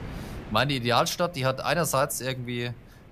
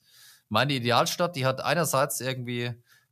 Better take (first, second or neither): second